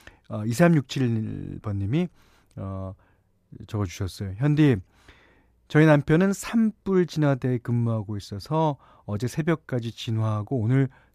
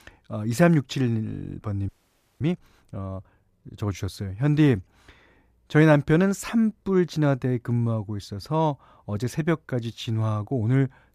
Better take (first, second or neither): first